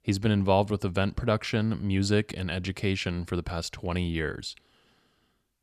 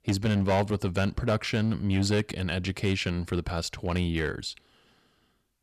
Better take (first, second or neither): first